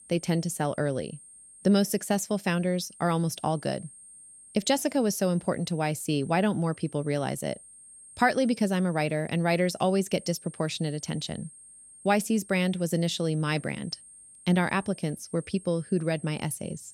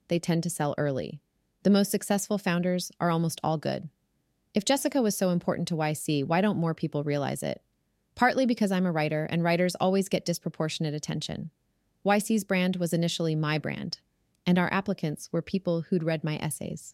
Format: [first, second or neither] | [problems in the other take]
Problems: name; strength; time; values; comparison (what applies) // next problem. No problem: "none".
second | high-pitched whine; noticeable; throughout; 8.5 kHz, 20 dB below the speech